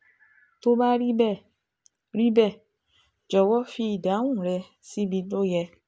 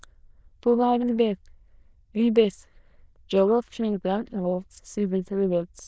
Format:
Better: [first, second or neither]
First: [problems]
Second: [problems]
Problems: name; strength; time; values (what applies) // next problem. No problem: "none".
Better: first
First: none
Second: noise reduction (neural diffusion model UNIVERSE++)